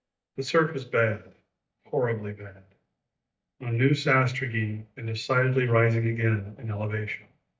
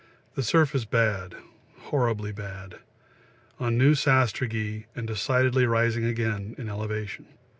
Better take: second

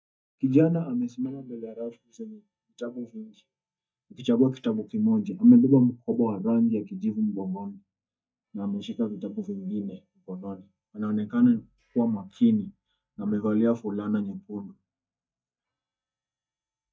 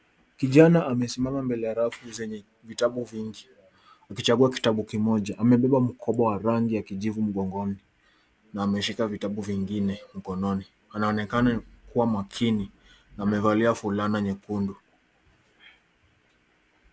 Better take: second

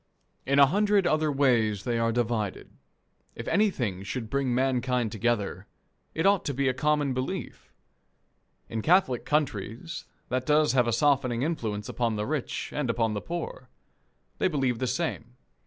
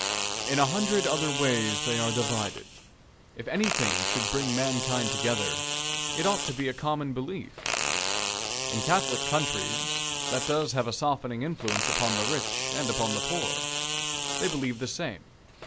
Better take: first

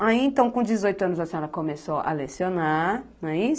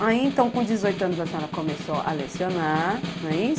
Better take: first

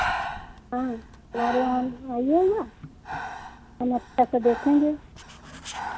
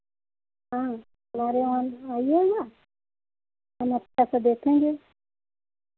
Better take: second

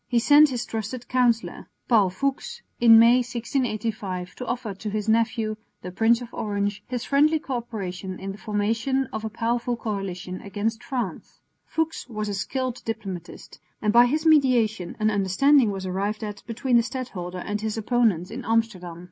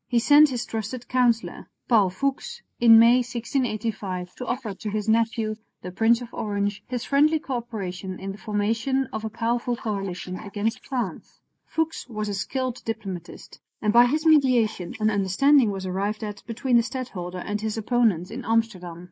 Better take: first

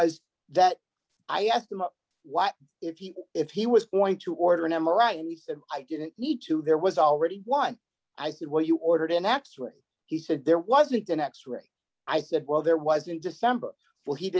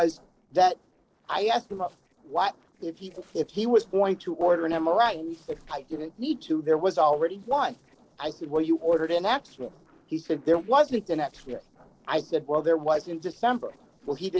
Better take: first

